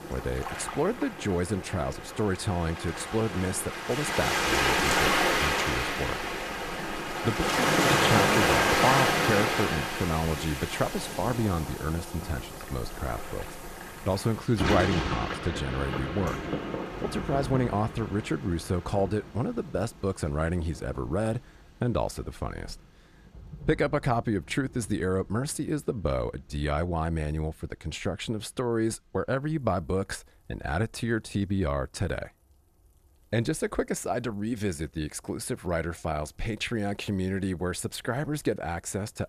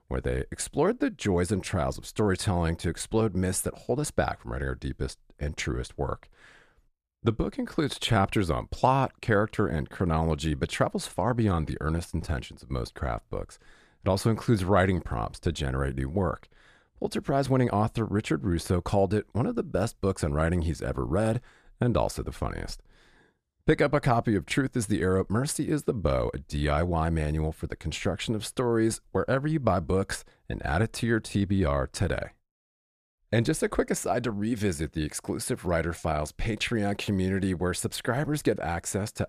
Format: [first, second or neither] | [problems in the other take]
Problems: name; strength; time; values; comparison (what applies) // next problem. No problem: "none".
second | rain or running water; very loud; throughout; 2 dB above the speech